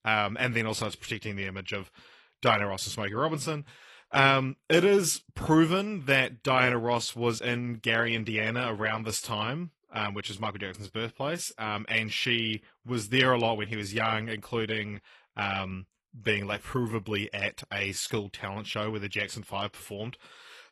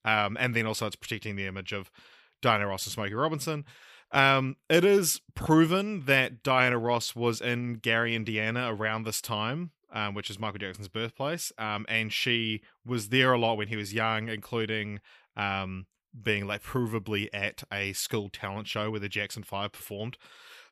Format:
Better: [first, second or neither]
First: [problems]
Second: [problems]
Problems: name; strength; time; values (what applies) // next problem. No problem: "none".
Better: second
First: garbled, watery; slightly; nothing above 12 kHz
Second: none